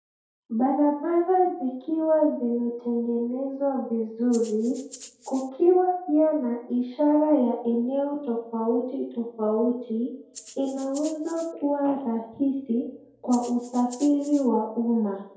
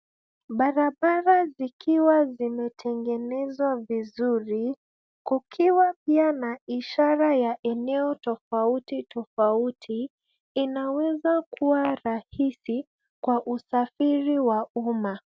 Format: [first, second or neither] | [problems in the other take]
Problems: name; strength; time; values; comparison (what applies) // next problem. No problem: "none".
second | background sound (Rattle (instrument)); 20 dB below the speech // room echo; dies away in 2.3 s